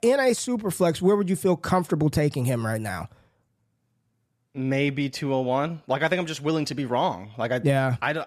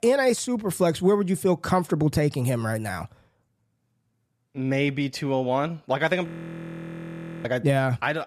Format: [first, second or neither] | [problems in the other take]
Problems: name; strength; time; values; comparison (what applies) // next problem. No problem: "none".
first | audio freezing; at 6.5 s for 1 s